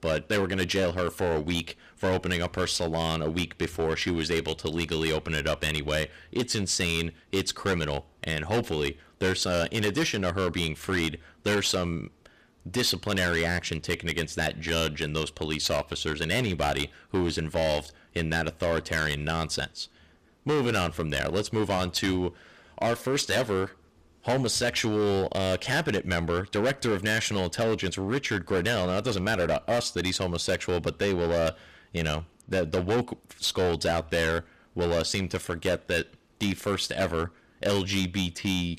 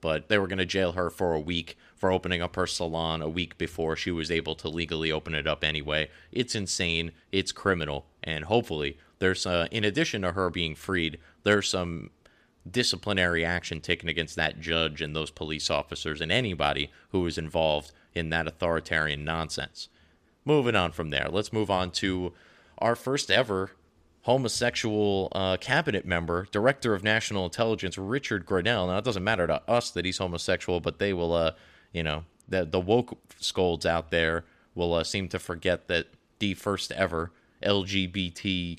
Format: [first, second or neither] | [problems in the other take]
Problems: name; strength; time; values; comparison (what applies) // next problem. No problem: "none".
second | distortion; heavy; 11% of the sound clipped